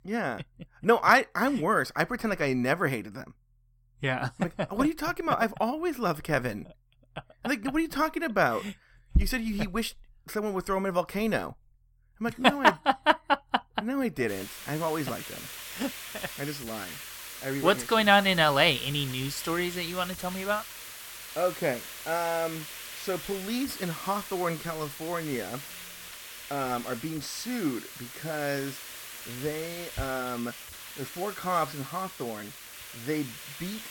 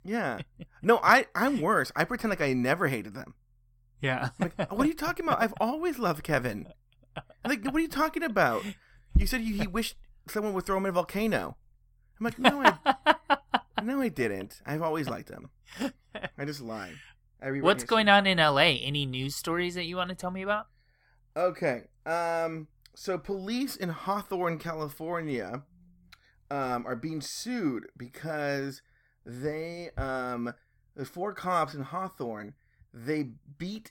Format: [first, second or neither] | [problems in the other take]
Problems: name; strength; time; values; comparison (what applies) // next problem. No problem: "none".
second | hiss; noticeable; from 14 s on; 10 dB below the speech